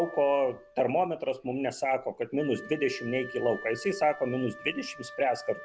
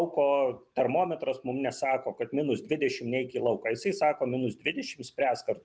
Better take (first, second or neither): second